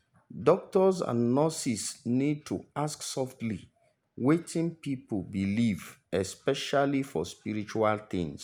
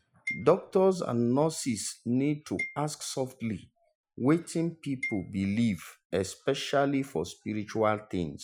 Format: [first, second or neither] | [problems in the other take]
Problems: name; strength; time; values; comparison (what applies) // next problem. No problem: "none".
first | noise reduction (classical method Wiener filter)